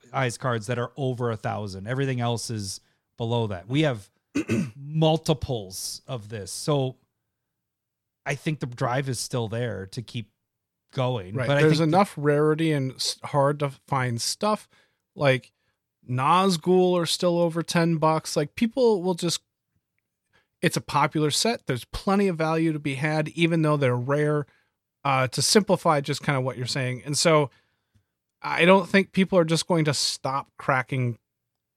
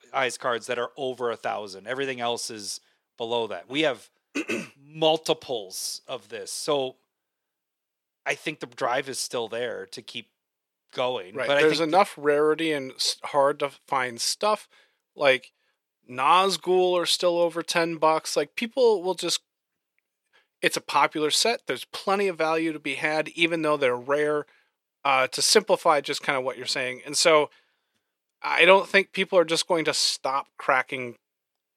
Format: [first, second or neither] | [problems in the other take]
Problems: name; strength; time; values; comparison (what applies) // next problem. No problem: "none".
first | thin; somewhat; fading below 450 Hz